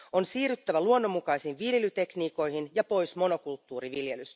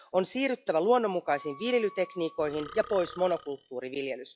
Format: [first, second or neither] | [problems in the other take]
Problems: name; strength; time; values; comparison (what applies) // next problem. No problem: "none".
first | noise reduction (classical method log-MMSE)